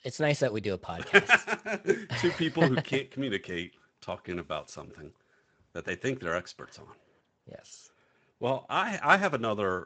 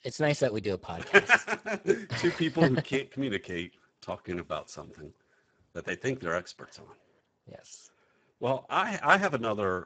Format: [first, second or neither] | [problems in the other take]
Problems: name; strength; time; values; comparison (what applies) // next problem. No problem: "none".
first | garbled, watery; badly; nothing above 7.5 kHz; slightly in the first